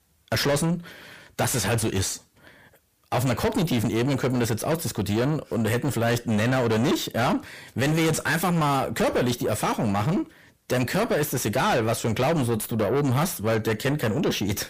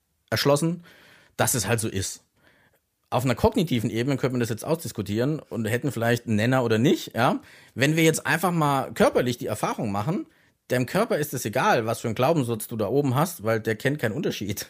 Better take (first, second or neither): second